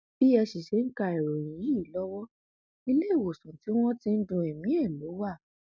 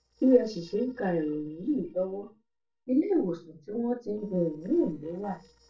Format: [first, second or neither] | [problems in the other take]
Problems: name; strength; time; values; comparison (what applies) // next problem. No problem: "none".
first | noise reduction (neural separator model SepFormer DNS4)